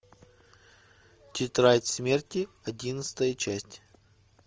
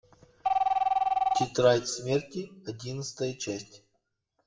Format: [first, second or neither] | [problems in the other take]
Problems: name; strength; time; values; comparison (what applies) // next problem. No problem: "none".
first | noise reduction (classical method WPE with log-MMSE)